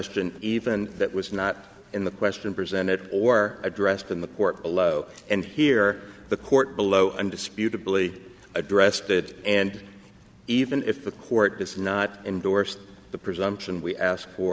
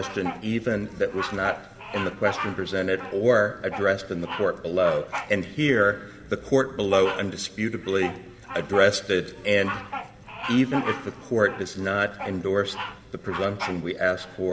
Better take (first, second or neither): first